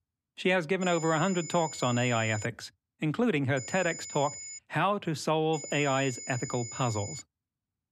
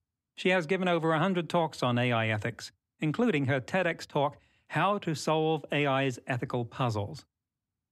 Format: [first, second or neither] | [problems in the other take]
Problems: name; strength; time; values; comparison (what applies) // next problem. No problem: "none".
second | high-pitched whine; noticeable; from 1 to 2.5 s, from 3.5 to 4.5 s and from 5.5 to 7 s; 7 kHz, 10 dB below the speech